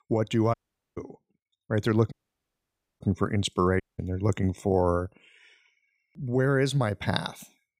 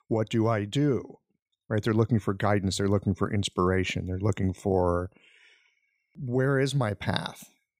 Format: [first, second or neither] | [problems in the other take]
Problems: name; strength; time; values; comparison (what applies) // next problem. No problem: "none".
second | audio cutting out; at 0.5 s, at 2 s for 1 s and at 4 s